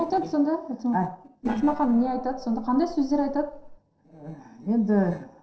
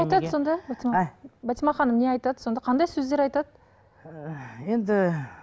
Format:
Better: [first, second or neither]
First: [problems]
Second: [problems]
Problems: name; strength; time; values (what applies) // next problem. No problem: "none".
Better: second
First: noise reduction (neural separator model SepFormer DNS4)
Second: none